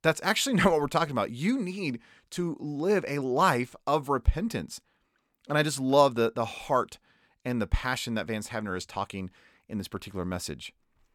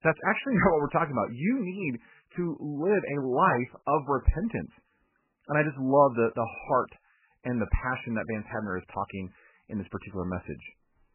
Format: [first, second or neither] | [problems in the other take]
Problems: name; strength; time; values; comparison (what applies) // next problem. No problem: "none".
first | garbled, watery; badly; nothing above 2.5 kHz